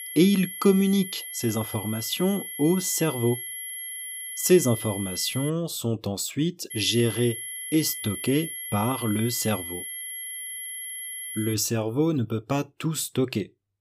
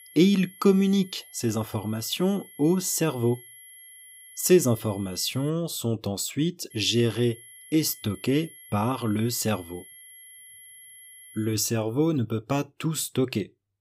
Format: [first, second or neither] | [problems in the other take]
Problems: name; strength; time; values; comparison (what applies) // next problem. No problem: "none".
second | high-pitched whine; loud; until 5.5 s and from 6.5 to 12 s; 11 kHz, 8 dB below the speech; faint in the second